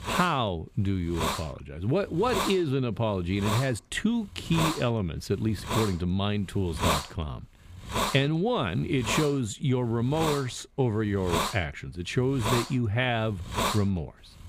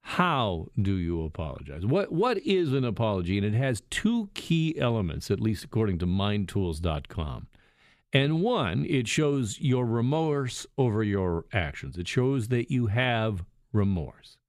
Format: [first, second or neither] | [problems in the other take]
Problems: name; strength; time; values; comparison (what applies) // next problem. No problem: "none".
second | hiss; loud; throughout; 4 dB below the speech